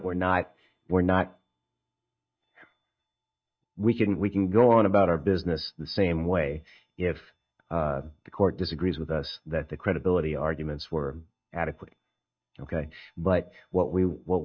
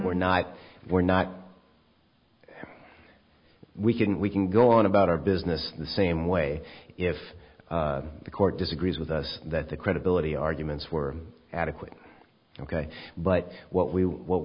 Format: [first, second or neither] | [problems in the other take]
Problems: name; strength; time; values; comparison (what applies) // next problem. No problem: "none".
second | noise reduction (neural mask model DeepFilterNet 3)